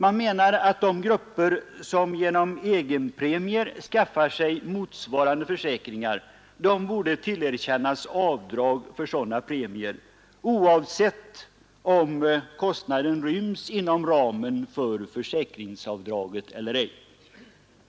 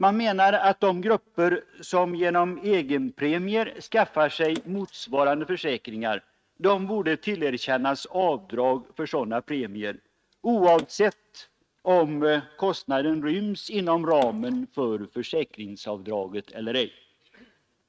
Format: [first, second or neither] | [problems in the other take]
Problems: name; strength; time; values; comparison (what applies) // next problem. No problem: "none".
first | noise reduction (neural mask model RNNoise)